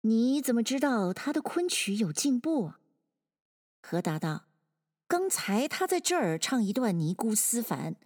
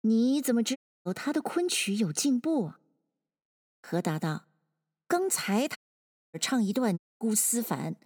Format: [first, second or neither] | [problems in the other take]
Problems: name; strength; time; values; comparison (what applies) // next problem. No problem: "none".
first | audio cutting out; at 1 s, at 6 s for 0.5 s and at 7 s